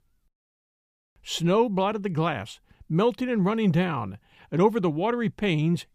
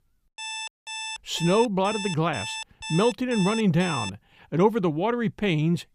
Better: first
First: none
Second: alarm; noticeable; until 4 s; peak 8 dB below the speech

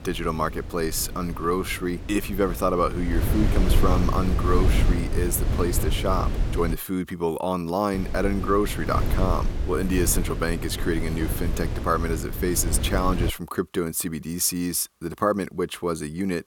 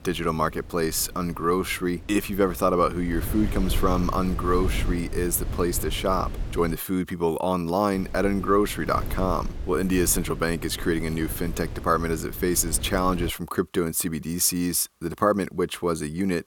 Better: second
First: wind noise on the microphone; heavy; until 6.5 s and from 8 to 13 s; 10 dB below the speech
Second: wind noise on the microphone; occasional gusts; until 6.5 s and from 8 to 13 s; 15 dB below the speech

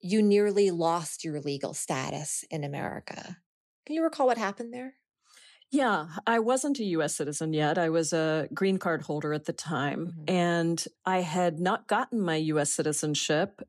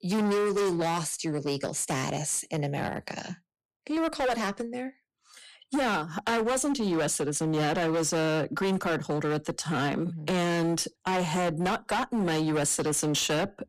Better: first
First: none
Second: distortion; heavy; 22% of the sound clipped

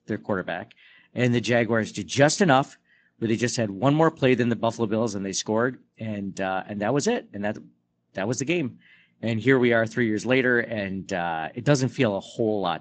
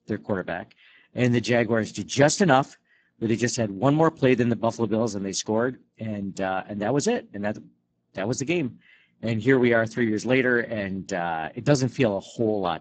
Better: first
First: garbled, watery; slightly; nothing above 8 kHz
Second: garbled, watery; badly; nothing above 7.5 kHz

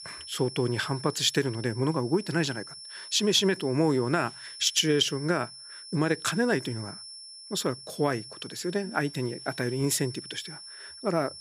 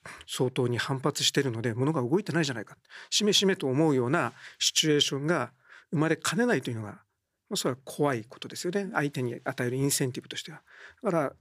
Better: second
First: high-pitched whine; noticeable; throughout; 5.5 kHz, 15 dB below the speech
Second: none

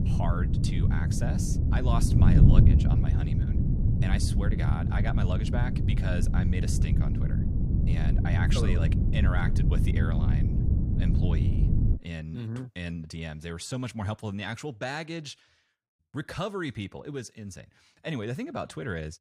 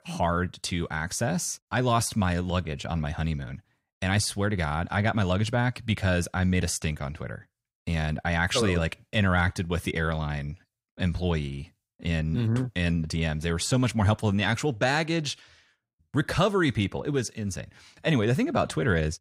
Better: second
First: wind noise on the microphone; heavy; until 12 s; 1 dB below the speech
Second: none

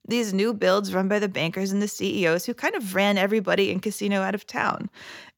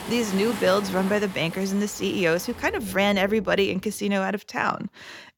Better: first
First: none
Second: rain or running water; noticeable; until 4 s; 15 dB below the speech

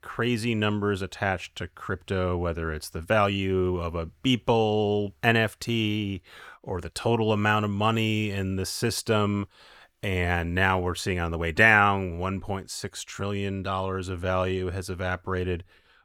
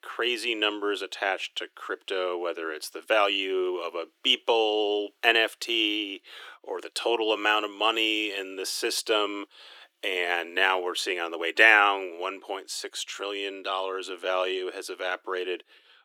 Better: first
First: none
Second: thin; very; fading below 300 Hz

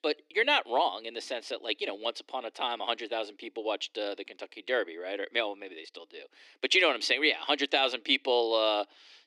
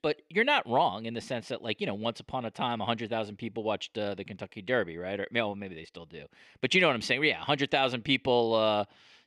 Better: second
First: thin; somewhat; fading below 300 Hz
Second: none

